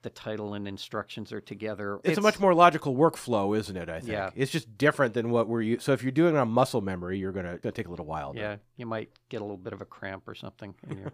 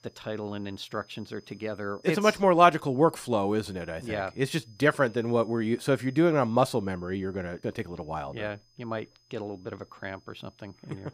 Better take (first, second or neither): first